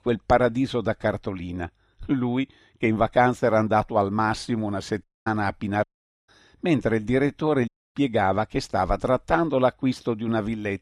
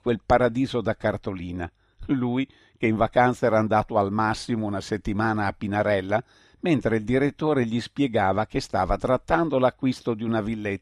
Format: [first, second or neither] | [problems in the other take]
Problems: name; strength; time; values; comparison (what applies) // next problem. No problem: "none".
second | audio cutting out; at 5 s, at 6 s and at 7.5 s